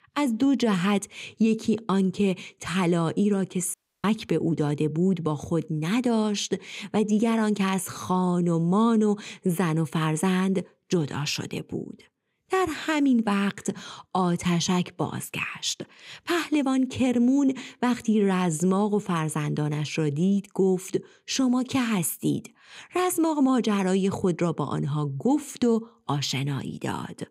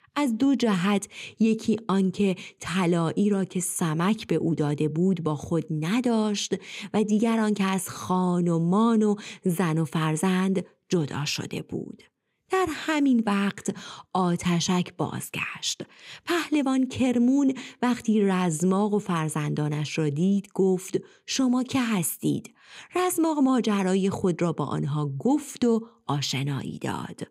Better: second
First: audio cutting out; at 3.5 s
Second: none

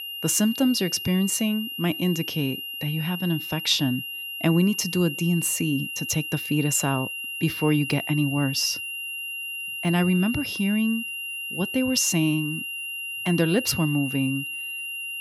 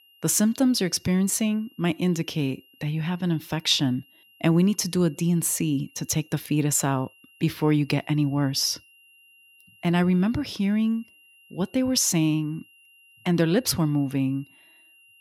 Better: second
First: high-pitched whine; loud; throughout; 3 kHz, 6 dB below the speech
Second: high-pitched whine; faint; throughout; 3 kHz, 30 dB below the speech

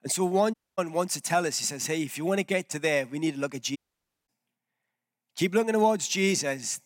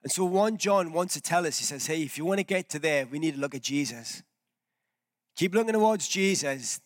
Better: second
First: audio cutting out; at 0.5 s and at 4 s for 0.5 s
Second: none

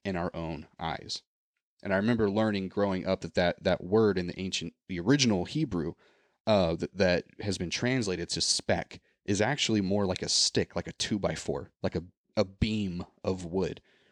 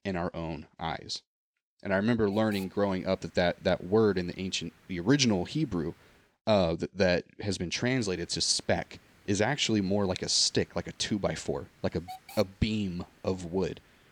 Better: first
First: none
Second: hiss; faint; from 2.5 to 6.5 s and from 8 s on; 25 dB below the speech

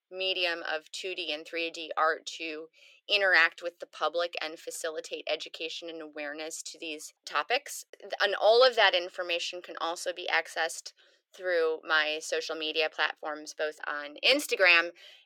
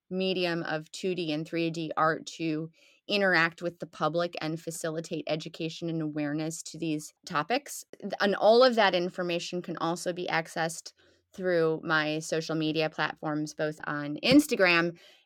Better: second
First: thin; very; fading below 450 Hz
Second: none

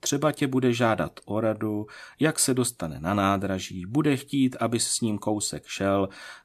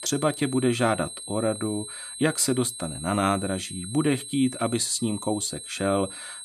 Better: first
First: none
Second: high-pitched whine; loud; throughout; 8.5 kHz, 9 dB below the speech

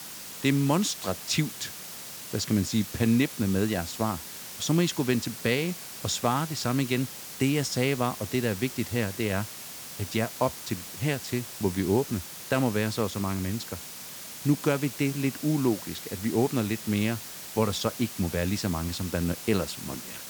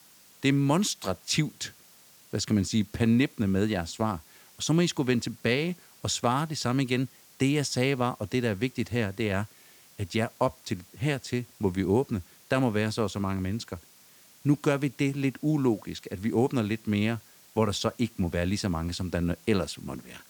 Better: second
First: hiss; loud; throughout; 9 dB below the speech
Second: hiss; faint; throughout; 25 dB below the speech

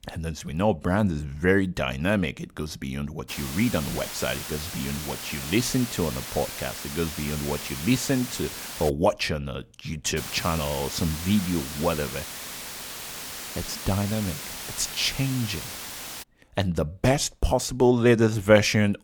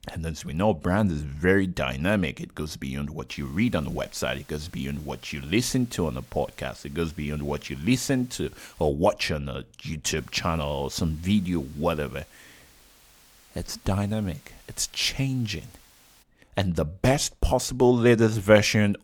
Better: second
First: hiss; loud; from 3.5 to 9 s and from 10 to 16 s; 8 dB below the speech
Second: hiss; faint; from 3.5 to 9 s and from 10 to 16 s; 25 dB below the speech

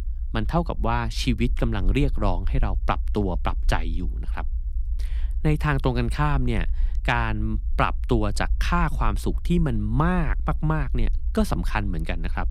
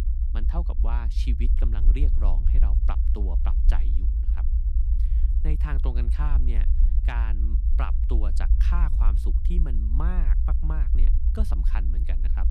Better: first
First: low rumble; faint; throughout; 25 dB below the speech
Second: low rumble; loud; throughout; 6 dB below the speech

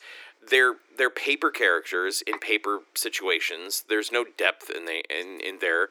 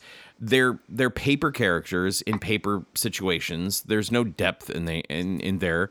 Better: second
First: thin; very; fading below 300 Hz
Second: none

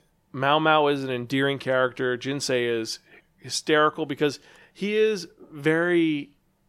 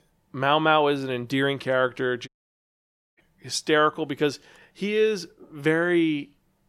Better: first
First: none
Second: audio cutting out; at 2.5 s for 1 s

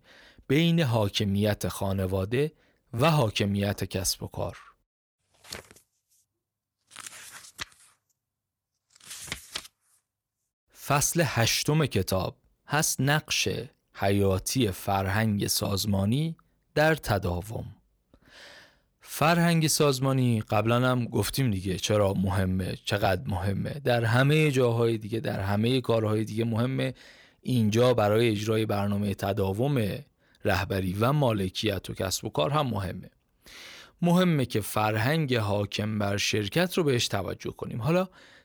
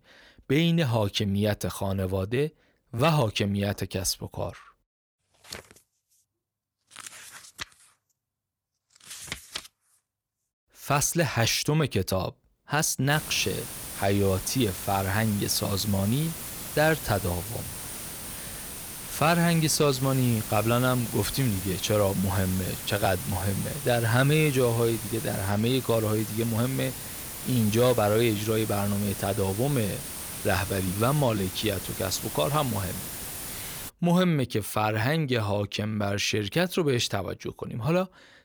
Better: first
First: none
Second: hiss; loud; from 13 to 34 s; 9 dB below the speech

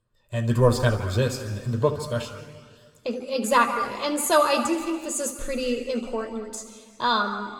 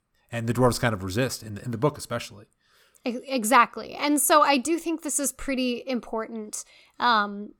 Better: second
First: room echo; slight; dies away in 1.8 s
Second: none

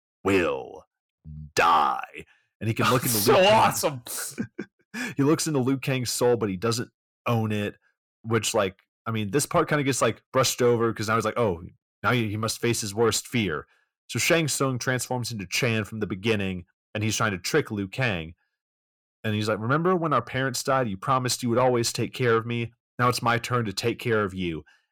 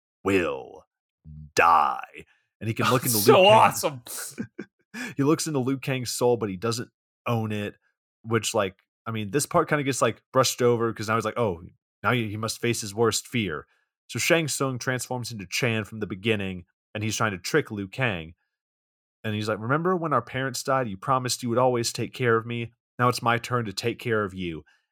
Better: second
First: distortion; slight; 10 dB below the speech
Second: none

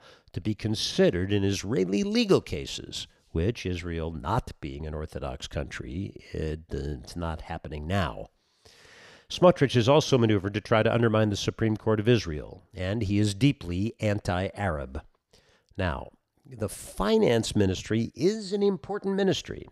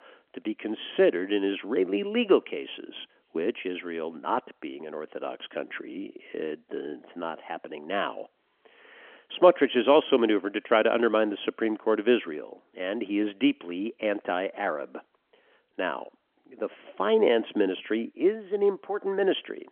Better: first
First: none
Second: phone-call audio; nothing above 3.5 kHz

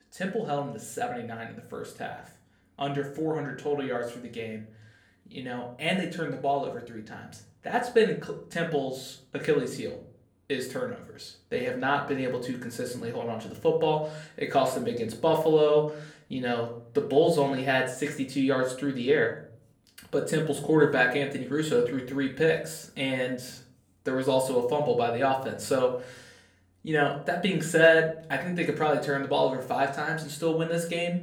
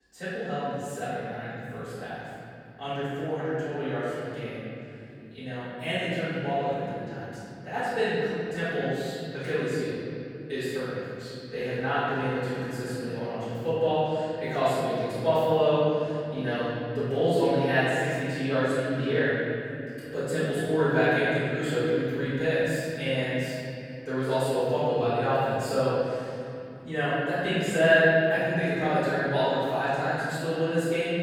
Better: first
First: room echo; slight; dies away in 0.4 s // off-mic speech; far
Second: room echo; strong; dies away in 2.9 s // off-mic speech; far

